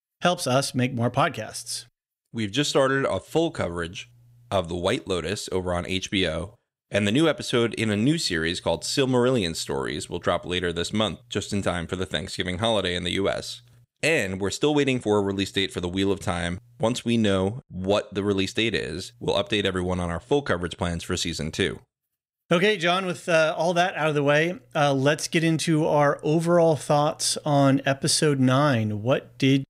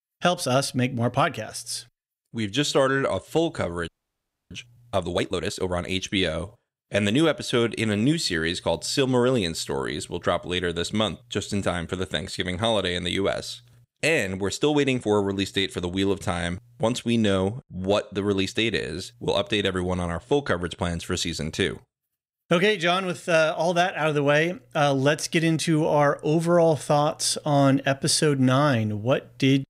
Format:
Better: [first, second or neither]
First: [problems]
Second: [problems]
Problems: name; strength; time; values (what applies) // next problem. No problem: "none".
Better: first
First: none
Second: audio freezing; at 4 s for 0.5 s